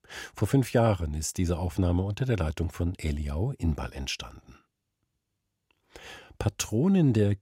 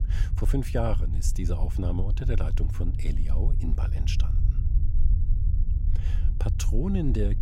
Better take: first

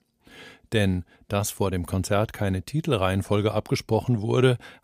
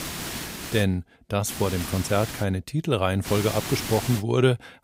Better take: first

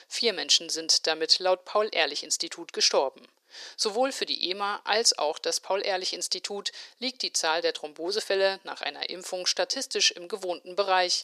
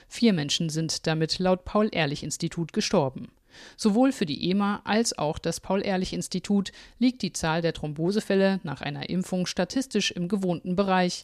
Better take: second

